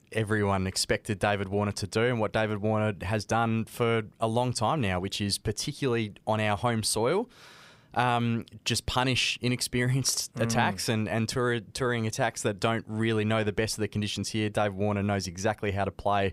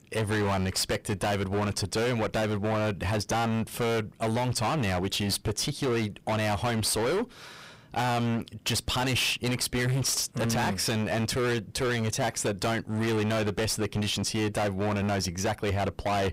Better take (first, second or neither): first